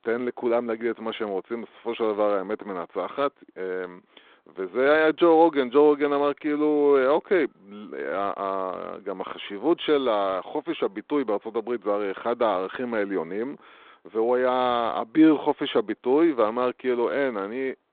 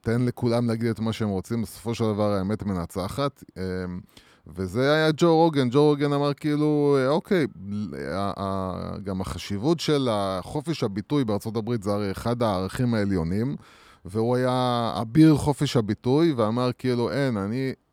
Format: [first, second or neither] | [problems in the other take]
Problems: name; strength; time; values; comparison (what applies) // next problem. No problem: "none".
second | phone-call audio; nothing above 3.5 kHz